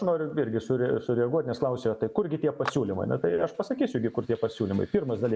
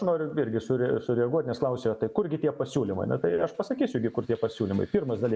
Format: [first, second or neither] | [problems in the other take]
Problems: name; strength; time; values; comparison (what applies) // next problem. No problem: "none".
second | background sound (Clapping); 14 dB below the speech